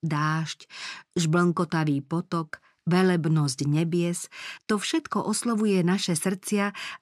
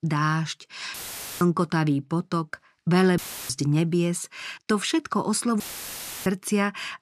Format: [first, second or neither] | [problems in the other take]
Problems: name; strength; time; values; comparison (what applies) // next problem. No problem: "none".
first | audio cutting out; filled with static; at 1 s, at 3 s and at 5.5 s for 0.5 s